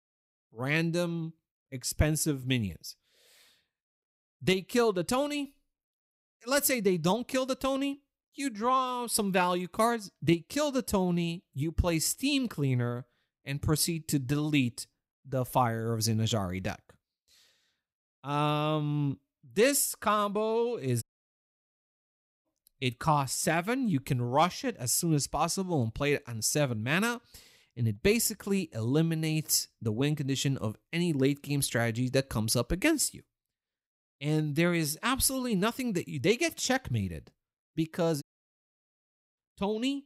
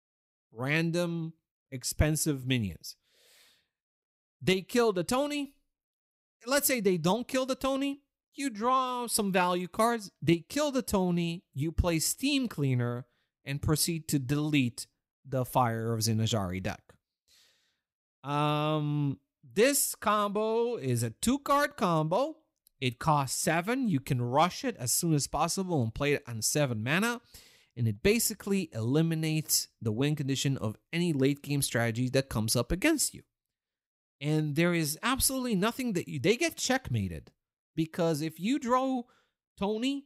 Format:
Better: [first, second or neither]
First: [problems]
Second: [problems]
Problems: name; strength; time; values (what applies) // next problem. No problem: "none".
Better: second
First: audio cutting out; at 21 s for 1.5 s and at 38 s for 1 s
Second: none